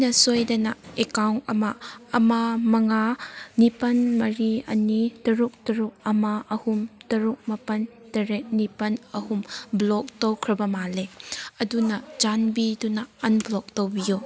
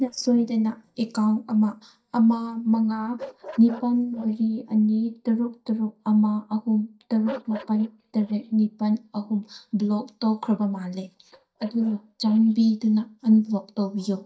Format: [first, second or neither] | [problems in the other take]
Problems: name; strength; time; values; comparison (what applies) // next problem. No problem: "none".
first | noise reduction (neural mask model DeepFilterNet 3)